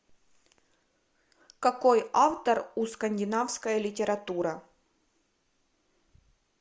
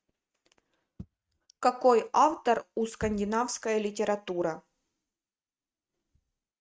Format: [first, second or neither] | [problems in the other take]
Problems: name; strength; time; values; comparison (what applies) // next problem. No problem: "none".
first | noise reduction (neural mask model RNNoise)